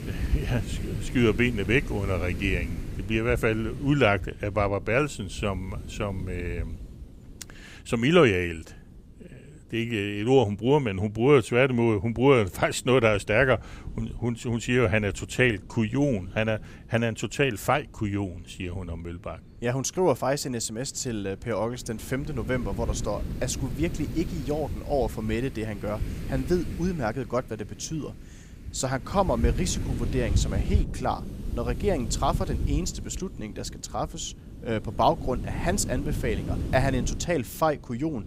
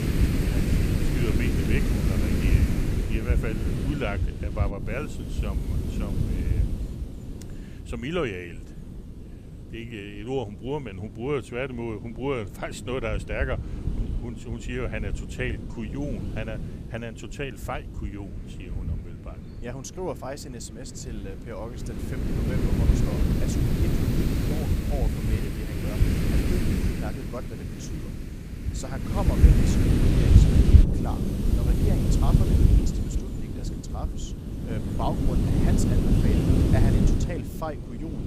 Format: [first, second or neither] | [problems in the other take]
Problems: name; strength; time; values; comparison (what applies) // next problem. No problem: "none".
first | wind noise on the microphone; heavy; 1 dB above the speech; occasional gusts in the first